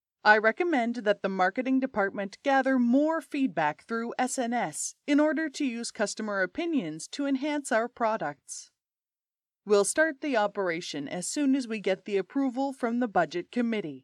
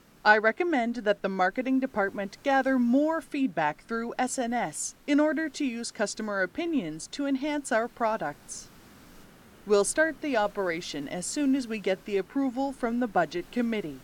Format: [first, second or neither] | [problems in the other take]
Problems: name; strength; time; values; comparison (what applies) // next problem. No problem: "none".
first | hiss; faint; throughout; 25 dB below the speech